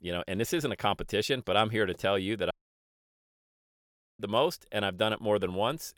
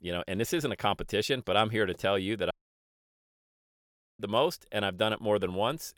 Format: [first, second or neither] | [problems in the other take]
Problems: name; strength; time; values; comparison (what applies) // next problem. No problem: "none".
neither | audio cutting out; at 2.5 s for 1.5 s; the same in both